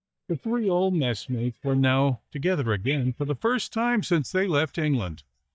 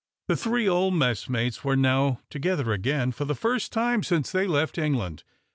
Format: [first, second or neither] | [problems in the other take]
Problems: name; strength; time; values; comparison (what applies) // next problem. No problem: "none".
second | noise reduction (neural mask model DeepFilterNet 3)